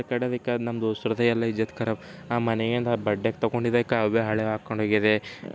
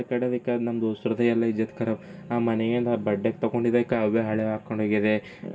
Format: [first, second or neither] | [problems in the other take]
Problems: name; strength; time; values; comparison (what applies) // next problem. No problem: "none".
first | room echo; dies away in 0.2 s